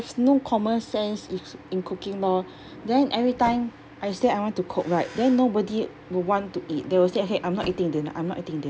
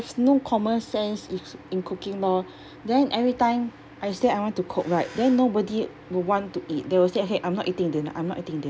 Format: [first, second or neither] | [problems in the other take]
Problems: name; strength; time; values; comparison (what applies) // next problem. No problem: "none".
second | background sound (Sliding door); 19 dB below the speech